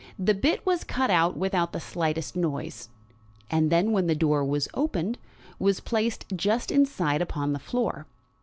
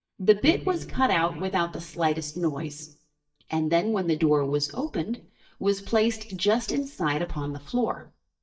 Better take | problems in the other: first | noise reduction (neural mask model DeepFilterNet 3)

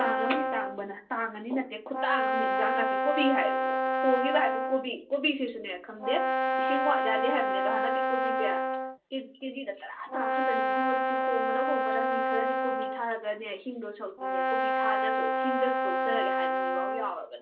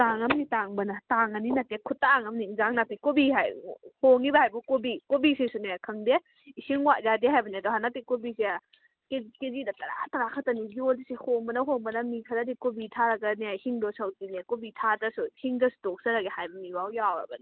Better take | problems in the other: second | background sound (Brass instrument); 3 dB above the speech // room echo; dies away in 0.3 s

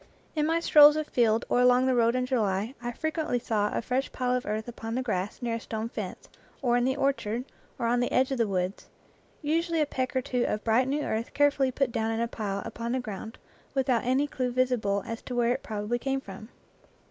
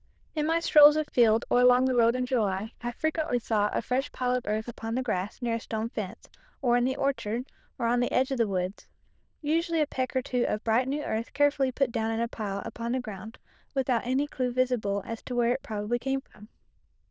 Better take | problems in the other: first | noise reduction (neural diffusion model UNIVERSE++)

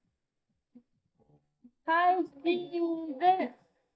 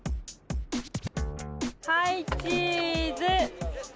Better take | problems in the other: second | noise reduction (neural mask model DeepFilterNet 3)

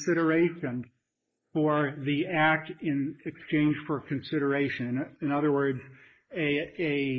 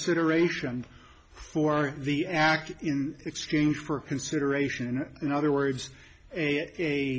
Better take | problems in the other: second | noise reduction (neural mask model Resemble Enhance denoiser)

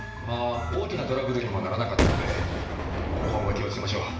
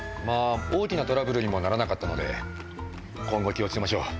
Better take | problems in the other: second | background sound (Boom); 2 dB above the speech // room echo; dies away in 0.8 s

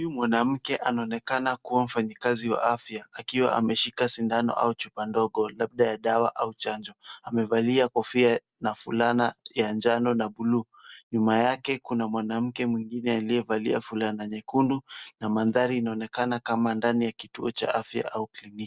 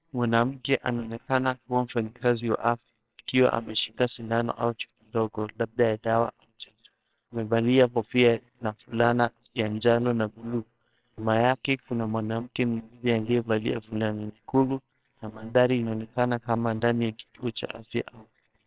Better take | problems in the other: first | noise reduction (neural separator model SepFormer WHAMR!)

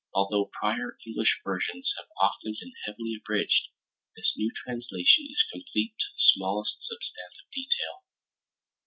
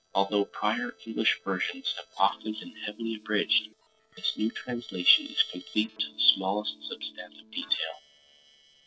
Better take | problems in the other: first | noise reduction (neural separator model SepFormer DNS4)

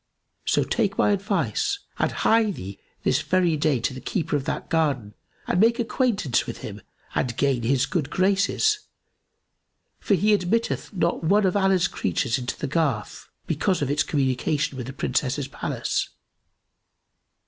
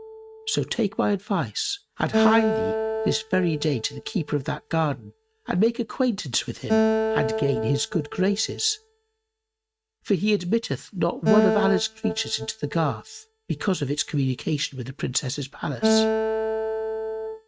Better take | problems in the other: first | noise reduction (neural mask model RNNoise)

